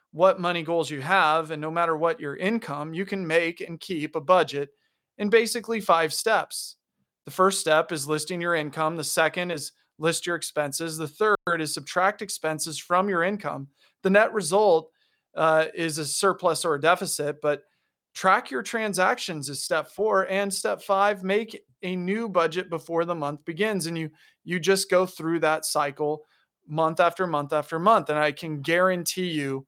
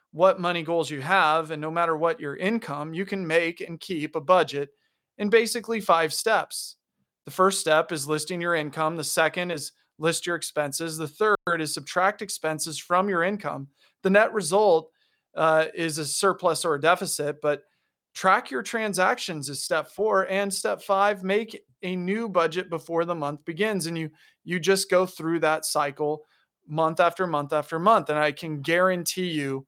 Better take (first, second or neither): neither